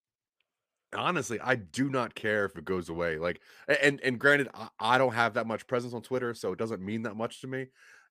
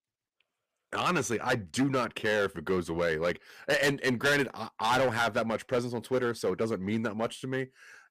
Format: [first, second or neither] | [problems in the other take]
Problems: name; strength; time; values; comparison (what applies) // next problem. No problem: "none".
first | distortion; heavy; 7% of the sound clipped